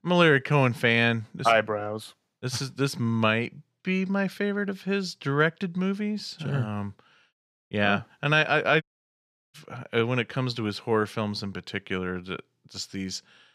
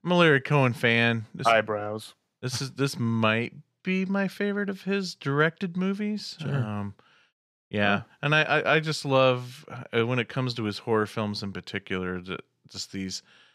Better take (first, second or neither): second